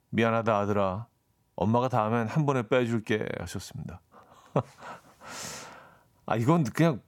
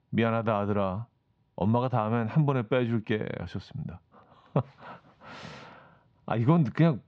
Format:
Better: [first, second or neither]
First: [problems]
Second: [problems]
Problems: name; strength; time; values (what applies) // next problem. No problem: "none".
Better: first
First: none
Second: muffled; slightly; fading above 4 kHz